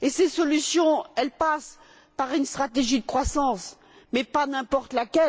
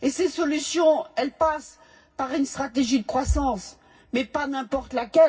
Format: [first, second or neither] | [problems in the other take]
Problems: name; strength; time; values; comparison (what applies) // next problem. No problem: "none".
first | room echo; dies away in 0.4 s